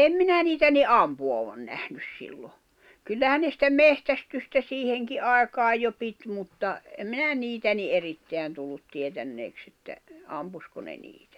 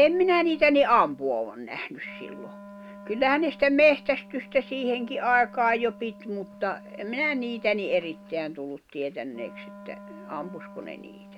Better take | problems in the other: first | background sound (Wind instrument, woodwind instrument); 20 dB below the speech

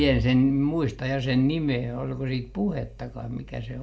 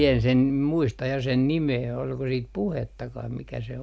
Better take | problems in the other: second | room echo; dies away in 0.3 s

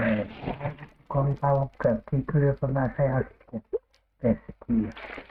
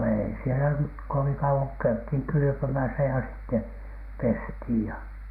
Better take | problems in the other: second | noise reduction (neural mask model RNNoise)

